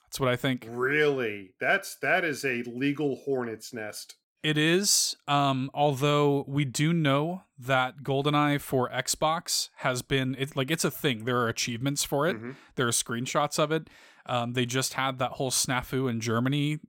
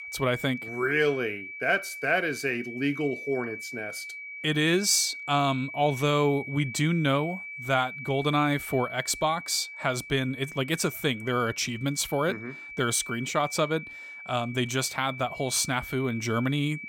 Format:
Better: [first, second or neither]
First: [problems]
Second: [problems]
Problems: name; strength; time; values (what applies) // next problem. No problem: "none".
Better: first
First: none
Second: high-pitched whine; noticeable; throughout; 2.5 kHz, 10 dB below the speech